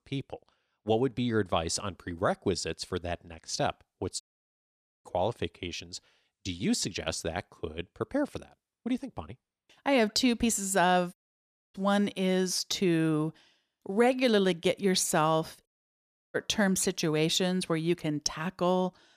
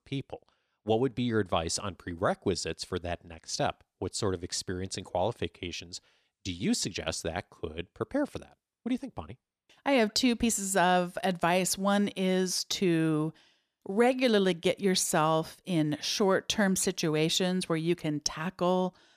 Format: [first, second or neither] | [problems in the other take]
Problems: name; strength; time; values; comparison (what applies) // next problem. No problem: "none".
second | audio cutting out; at 4 s for 1 s, at 11 s for 0.5 s and at 16 s for 0.5 s